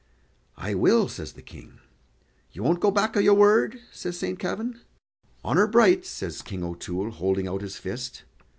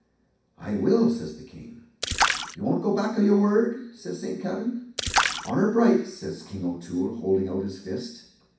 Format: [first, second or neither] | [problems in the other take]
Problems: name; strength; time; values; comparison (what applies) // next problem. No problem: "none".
first | background sound (Splash, splatter); 4 dB below the speech // room echo; dies away in 0.6 s